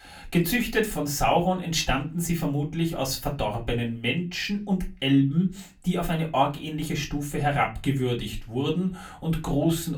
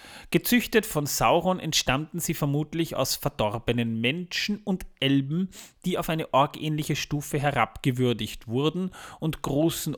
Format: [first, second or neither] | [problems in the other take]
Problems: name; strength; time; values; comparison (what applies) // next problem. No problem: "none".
second | off-mic speech; far // room echo; very slight; dies away in 0.2 s